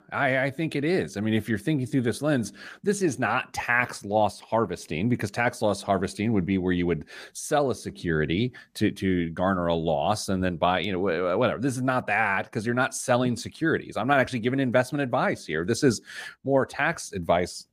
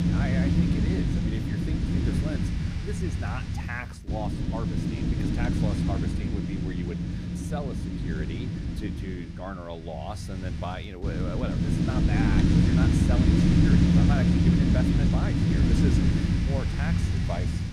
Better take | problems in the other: first | wind noise on the microphone; heavy; 5 dB above the speech

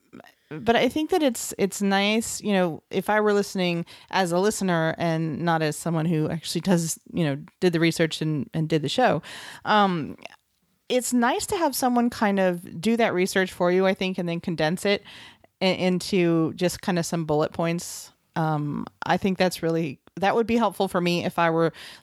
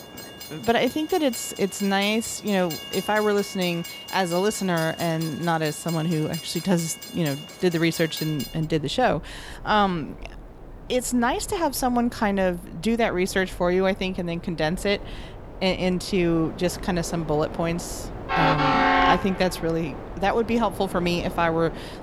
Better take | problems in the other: first | train or aircraft noise; loud; throughout; 7 dB below the speech

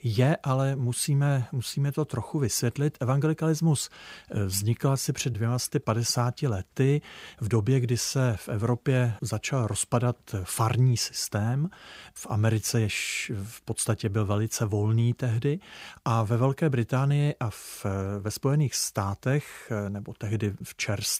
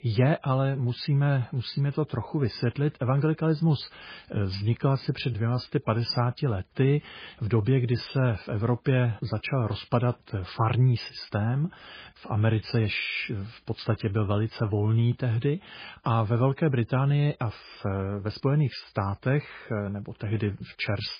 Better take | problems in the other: first | garbled, watery; badly; nothing above 5 kHz

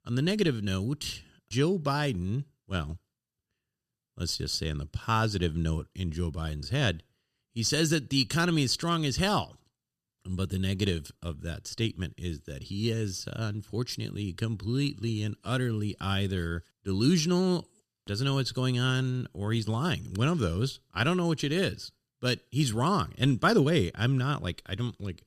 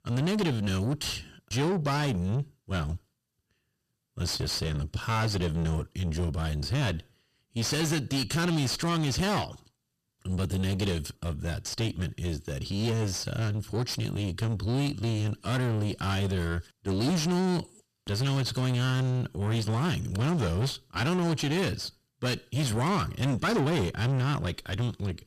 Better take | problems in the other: first | distortion; heavy; 6 dB below the speech

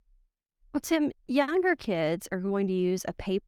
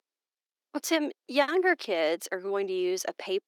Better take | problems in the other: first | thin; somewhat; fading below 350 Hz

